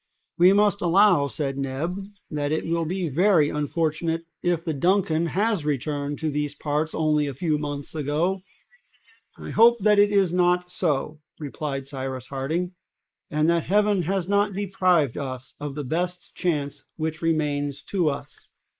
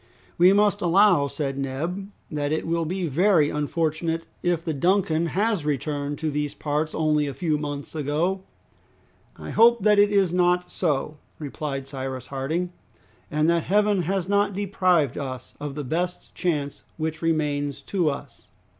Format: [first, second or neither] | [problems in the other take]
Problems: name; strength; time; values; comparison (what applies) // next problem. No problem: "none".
second | noise reduction (neural mask model Resemble Enhance denoiser)